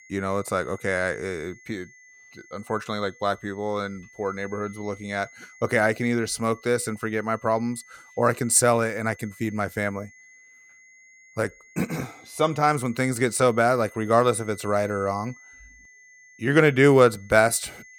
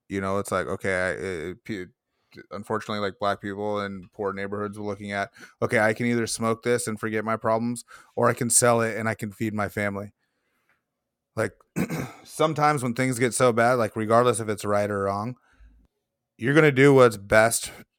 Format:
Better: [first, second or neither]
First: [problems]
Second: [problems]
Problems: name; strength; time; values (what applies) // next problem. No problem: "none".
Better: second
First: high-pitched whine; faint; throughout; 2 kHz, 25 dB below the speech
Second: none